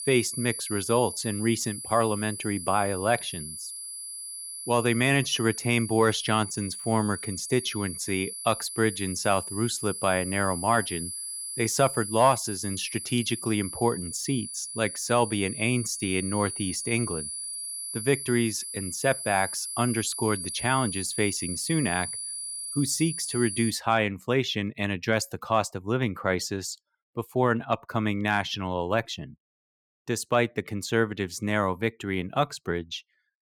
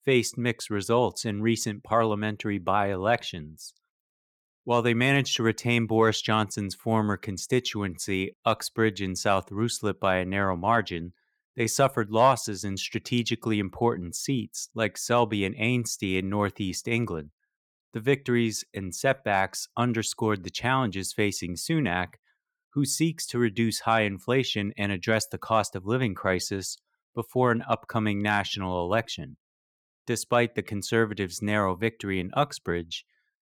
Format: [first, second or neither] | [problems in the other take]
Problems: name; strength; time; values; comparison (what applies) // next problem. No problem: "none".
second | high-pitched whine; loud; until 24 s; 10 kHz, 6 dB below the speech